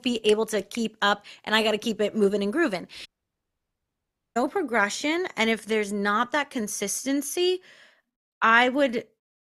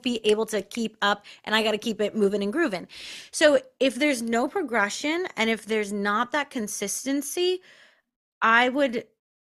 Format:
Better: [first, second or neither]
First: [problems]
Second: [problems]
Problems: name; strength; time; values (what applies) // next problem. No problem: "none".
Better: second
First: audio cutting out; at 3 s for 1.5 s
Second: none